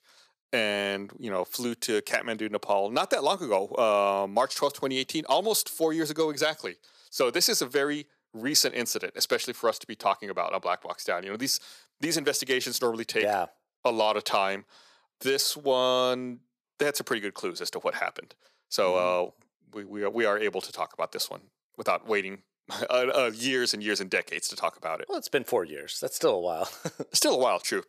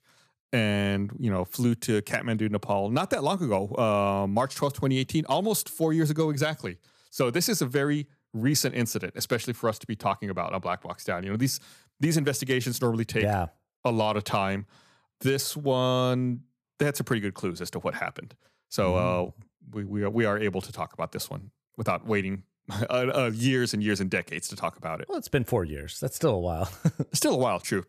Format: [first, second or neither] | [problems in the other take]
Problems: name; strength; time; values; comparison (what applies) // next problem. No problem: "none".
second | thin; somewhat; fading below 450 Hz